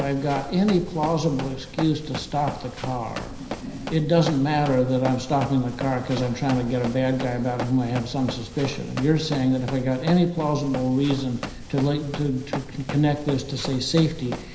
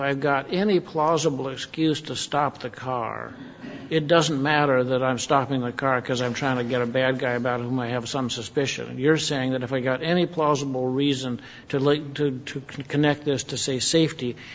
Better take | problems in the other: second | background sound (Run); 11 dB below the speech // room echo; dies away in 0.9 s

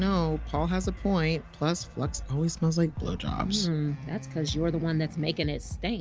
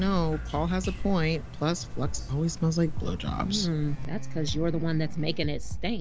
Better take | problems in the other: first | background sound (Drip); 4 dB below the speech

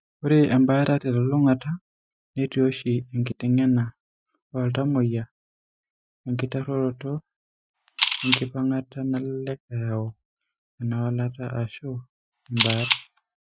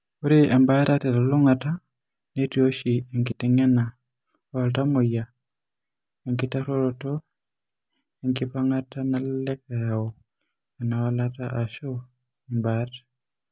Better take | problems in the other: second | noise reduction (classical method Wiener filter)

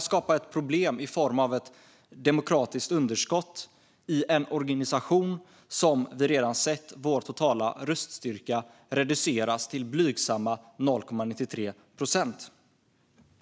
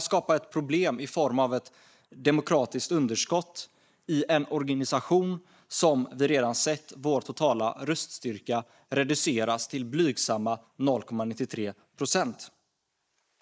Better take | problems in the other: first | noise reduction (neural mask model Resemble Enhance denoiser)

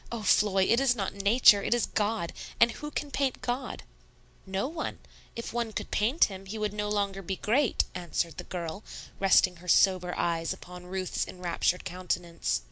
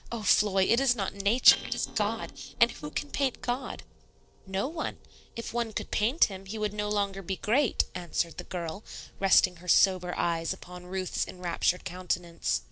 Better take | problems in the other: first | noise reduction (neural separator model SepFormer DNS4)

